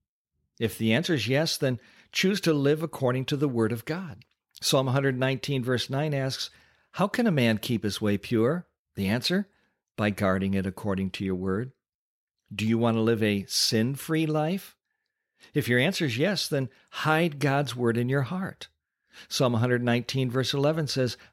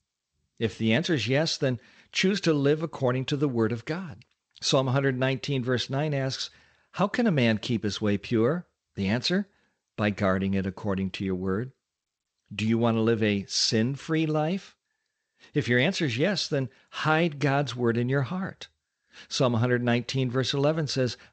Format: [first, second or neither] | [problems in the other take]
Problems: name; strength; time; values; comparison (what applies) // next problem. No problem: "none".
first | garbled, watery; slightly; nothing above 7.5 kHz